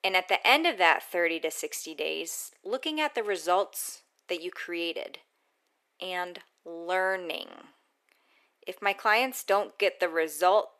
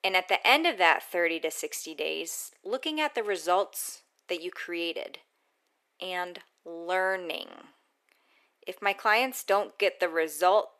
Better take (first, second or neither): neither